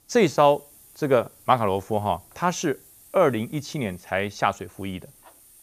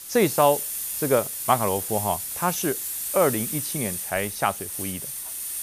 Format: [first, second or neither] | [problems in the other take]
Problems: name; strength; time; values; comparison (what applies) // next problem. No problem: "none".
first | hiss; loud; throughout; 3 dB below the speech; faint in the first